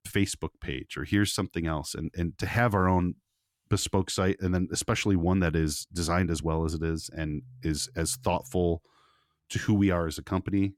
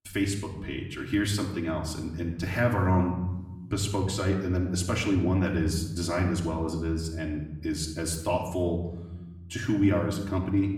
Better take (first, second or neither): first